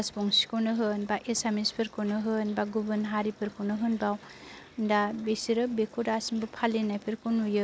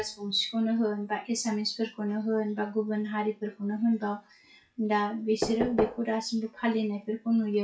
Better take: first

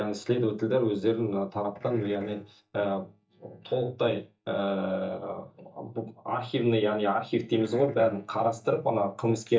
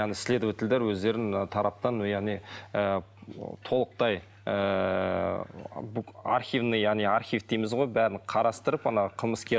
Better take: second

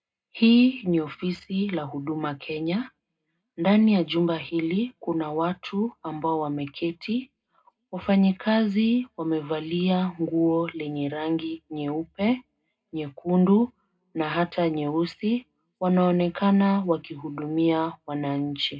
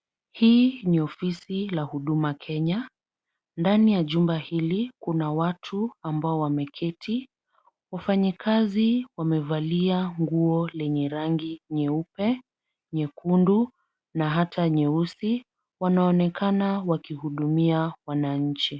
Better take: second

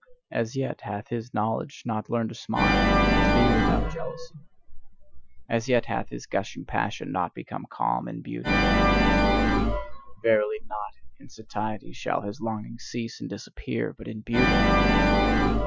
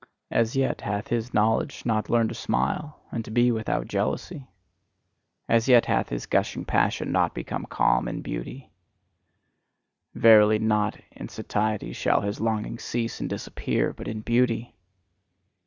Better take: second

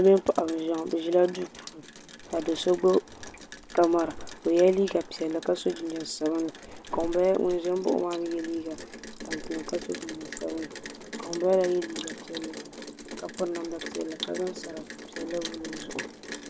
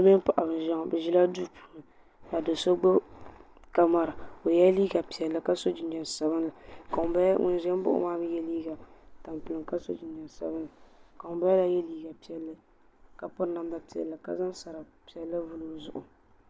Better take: second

